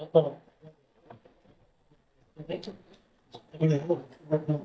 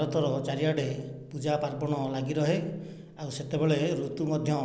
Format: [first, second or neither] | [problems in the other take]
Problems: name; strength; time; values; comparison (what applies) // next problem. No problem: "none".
second | noise reduction (neural mask model DeepFilterNet 3)